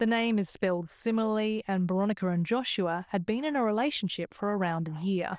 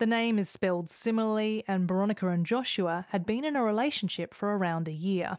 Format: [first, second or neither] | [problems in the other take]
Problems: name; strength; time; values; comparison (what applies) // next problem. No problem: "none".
second | noise reduction (neural diffusion model UNIVERSE++)